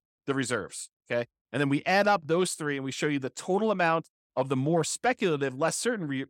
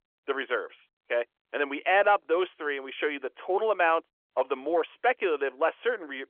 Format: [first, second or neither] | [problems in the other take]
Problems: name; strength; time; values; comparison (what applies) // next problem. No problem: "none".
first | phone-call audio; nothing above 3.5 kHz